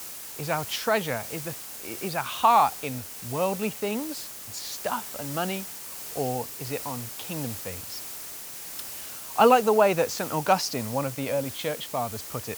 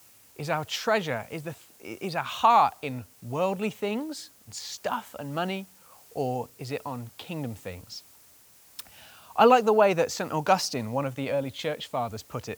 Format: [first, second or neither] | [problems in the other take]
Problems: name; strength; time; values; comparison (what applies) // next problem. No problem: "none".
second | hiss; loud; throughout; 8 dB below the speech; faint in the second